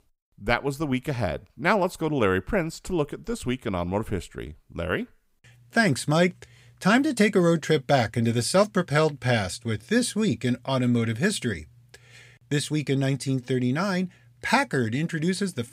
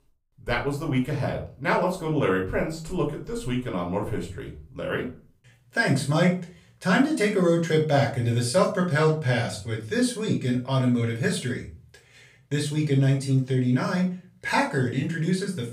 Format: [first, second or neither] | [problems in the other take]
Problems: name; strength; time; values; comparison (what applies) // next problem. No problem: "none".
first | room echo; slight; dies away in 0.3 s // off-mic speech; far